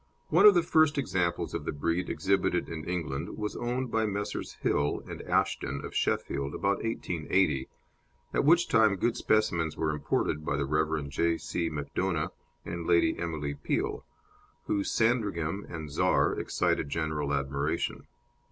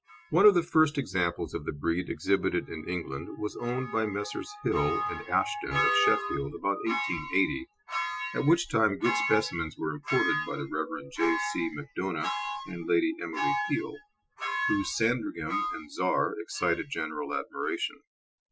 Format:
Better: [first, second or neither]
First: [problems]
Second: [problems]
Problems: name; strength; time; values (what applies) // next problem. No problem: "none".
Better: first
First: none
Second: noise reduction (classical method Wiener filter)